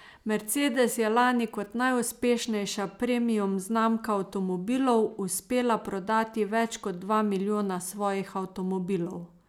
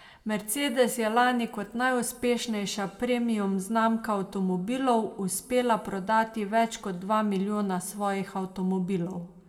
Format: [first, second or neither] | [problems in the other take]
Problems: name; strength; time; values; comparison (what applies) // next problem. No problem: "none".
first | room echo; dies away in 2 s